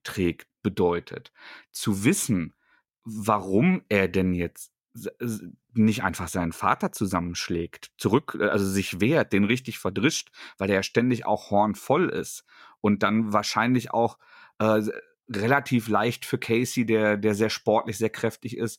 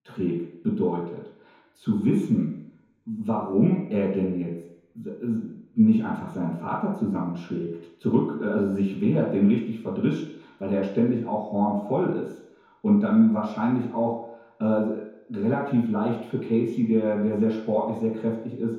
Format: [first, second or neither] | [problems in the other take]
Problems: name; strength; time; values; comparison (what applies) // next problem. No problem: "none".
first | room echo; noticeable; dies away in 3 s // off-mic speech; far